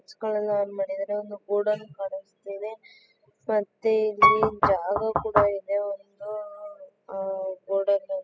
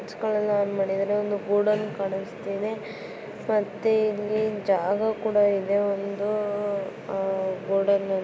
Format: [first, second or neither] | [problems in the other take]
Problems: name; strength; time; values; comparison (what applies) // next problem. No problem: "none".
second | noise reduction (classical method spectral subtraction)